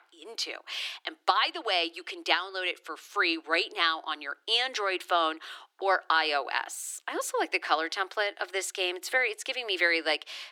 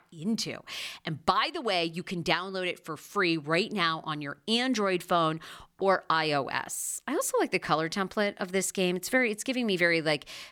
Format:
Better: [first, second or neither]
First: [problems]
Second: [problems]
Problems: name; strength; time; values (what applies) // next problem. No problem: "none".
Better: second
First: thin; very; fading below 300 Hz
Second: none